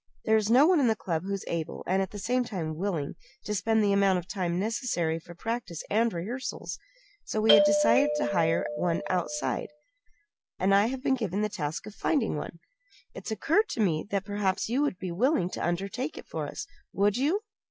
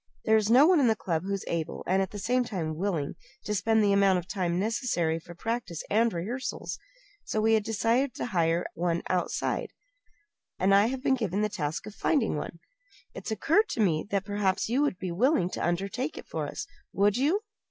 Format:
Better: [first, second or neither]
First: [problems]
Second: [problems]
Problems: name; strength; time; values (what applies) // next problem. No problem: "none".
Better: second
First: background sound (Doorbell); as loud as the speech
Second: none